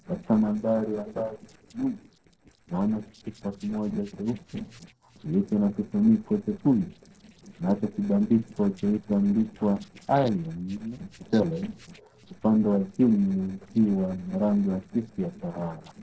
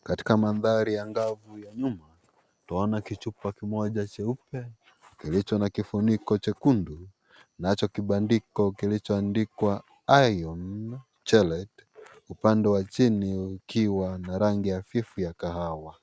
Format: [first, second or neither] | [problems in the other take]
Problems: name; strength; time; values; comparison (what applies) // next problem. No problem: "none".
second | noise reduction (neural separator model SepFormer DNS4)